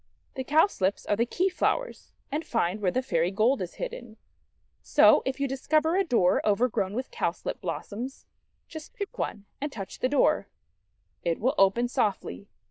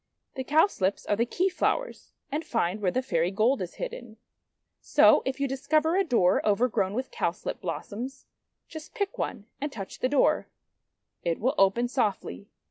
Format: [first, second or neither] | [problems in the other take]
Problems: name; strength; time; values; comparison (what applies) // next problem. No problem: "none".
second | noise reduction (neural diffusion model UNIVERSE++)